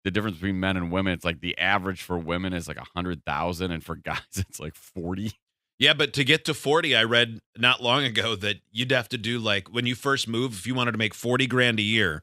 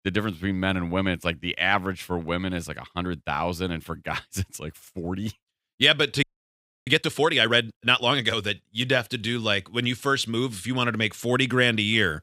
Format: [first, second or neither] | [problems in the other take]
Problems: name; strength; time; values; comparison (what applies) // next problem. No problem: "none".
first | audio freezing; at 6 s for 0.5 s